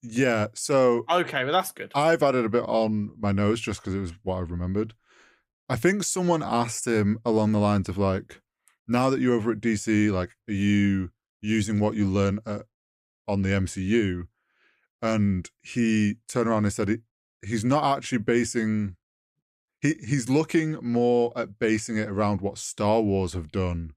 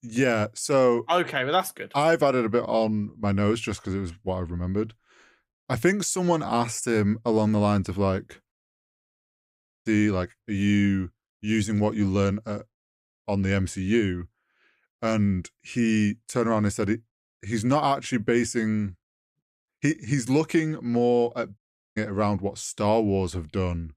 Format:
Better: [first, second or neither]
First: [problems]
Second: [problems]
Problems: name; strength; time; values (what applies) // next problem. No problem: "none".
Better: first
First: none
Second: audio cutting out; at 8.5 s for 1.5 s and at 22 s